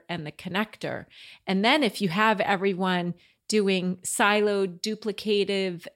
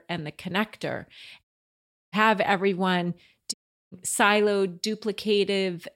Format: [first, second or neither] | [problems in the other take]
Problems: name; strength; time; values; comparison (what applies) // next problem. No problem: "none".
first | audio cutting out; at 1.5 s for 0.5 s and at 3.5 s